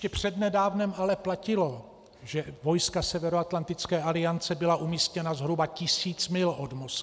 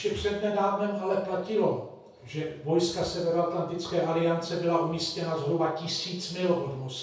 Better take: first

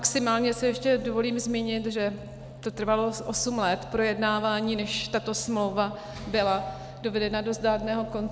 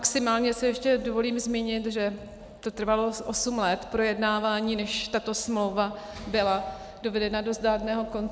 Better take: second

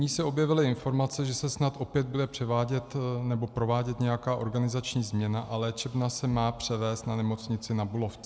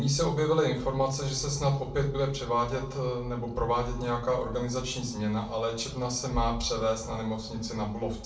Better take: first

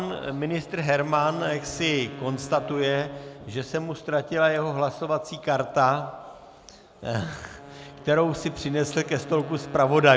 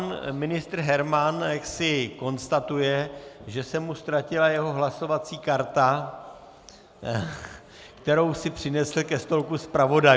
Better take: second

